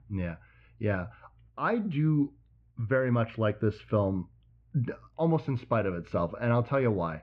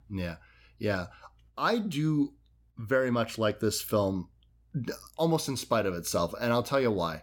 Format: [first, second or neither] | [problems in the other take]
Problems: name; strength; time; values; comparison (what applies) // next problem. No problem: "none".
second | muffled; very; fading above 2.5 kHz